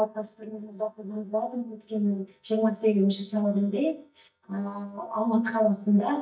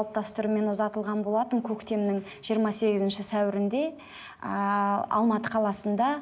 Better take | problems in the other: second | noise reduction (neural mask model DeepFilterNet 3)

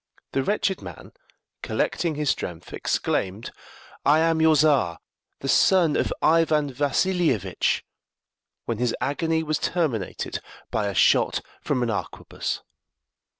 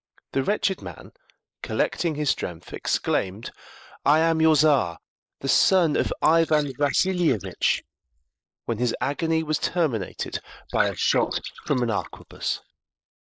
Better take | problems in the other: first | noise reduction (neural mask model Resemble Enhance denoiser)

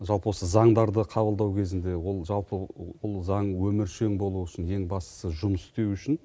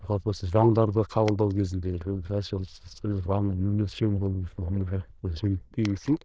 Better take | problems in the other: first | noise reduction (neural diffusion model UNIVERSE++)

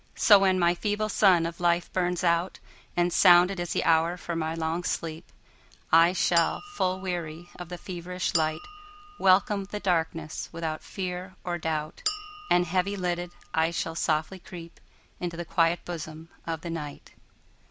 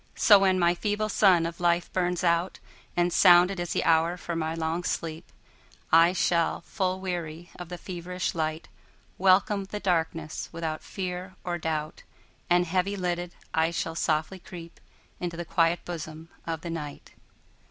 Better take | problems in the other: second | background sound (Chink, clink); 12 dB below the speech

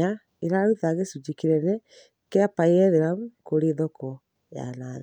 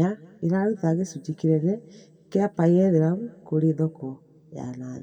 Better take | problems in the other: first | room echo; dies away in 1.4 s

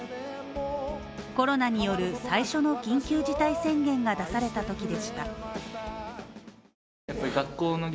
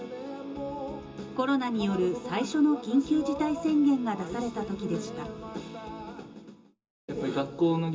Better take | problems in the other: first | room echo; dies away in 0.2 s

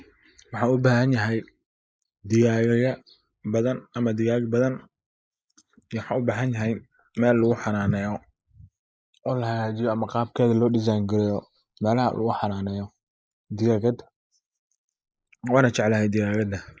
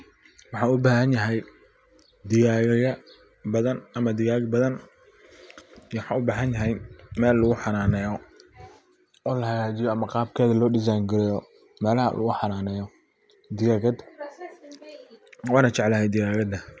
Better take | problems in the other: second | noise reduction (neural mask model Resemble Enhance denoiser)

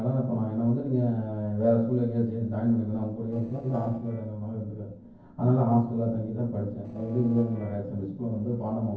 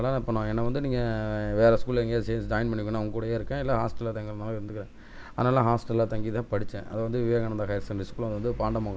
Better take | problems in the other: second | noise reduction (neural separator model SepFormer DNS4)

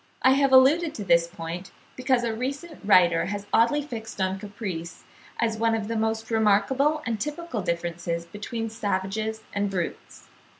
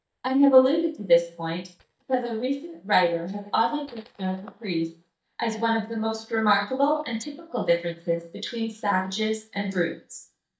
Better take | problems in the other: first | noise reduction (neural mask model DeepFilterNet 3)

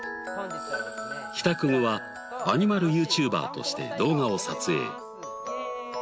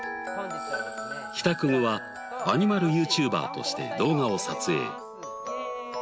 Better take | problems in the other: first | background sound (Wind instrument, woodwind instrument); 14 dB below the speech

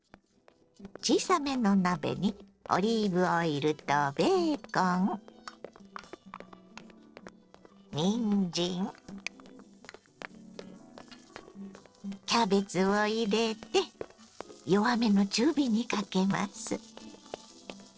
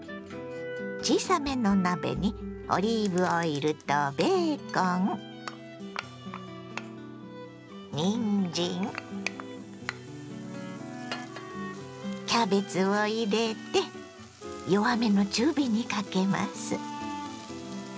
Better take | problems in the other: second | noise reduction (neural separator model SepFormer DNS4)

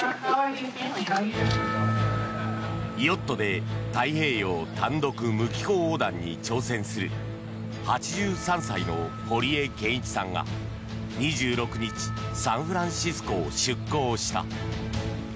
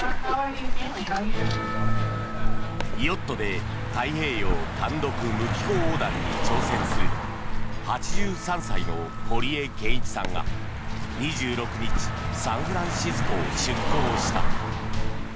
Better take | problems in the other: first | background sound (Car passing by); 5 dB above the speech

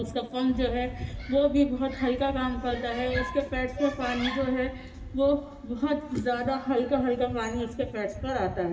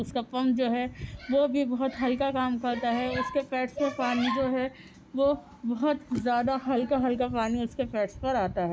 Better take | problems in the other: second | background sound (Thunder); 15 dB below the speech // room echo; dies away in 2.2 s

